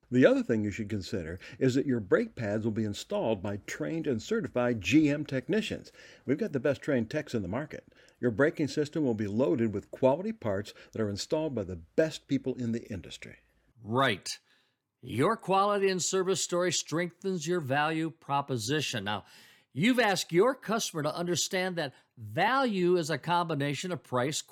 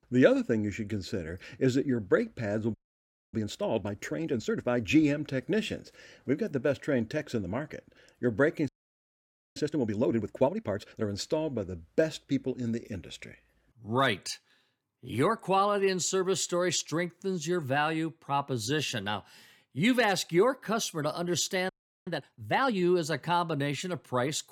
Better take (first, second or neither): first